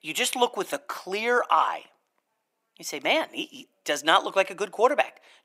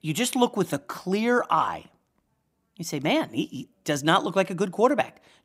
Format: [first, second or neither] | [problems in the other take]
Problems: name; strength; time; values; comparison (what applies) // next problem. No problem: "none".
second | thin; somewhat; fading below 550 Hz